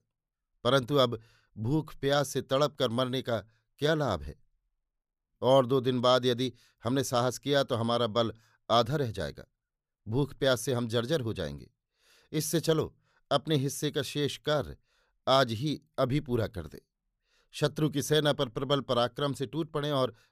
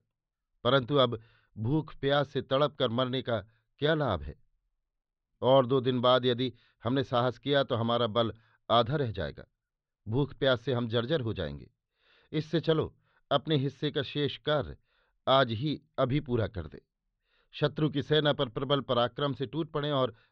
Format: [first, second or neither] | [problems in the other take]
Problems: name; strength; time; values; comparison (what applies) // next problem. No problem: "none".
first | muffled; slightly; fading above 4 kHz